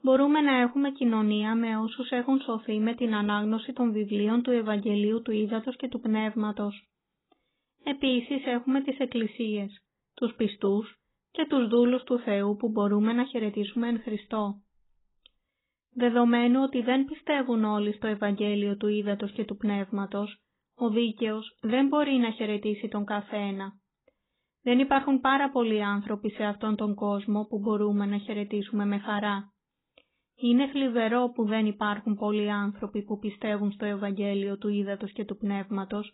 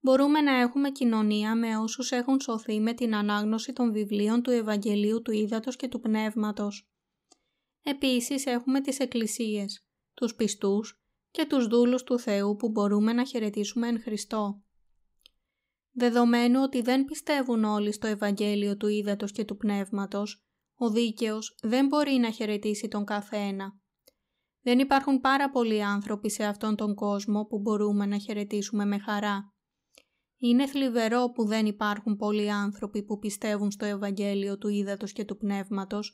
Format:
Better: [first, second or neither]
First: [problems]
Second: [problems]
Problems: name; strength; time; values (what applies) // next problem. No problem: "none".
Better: second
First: garbled, watery; badly; nothing above 4 kHz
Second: none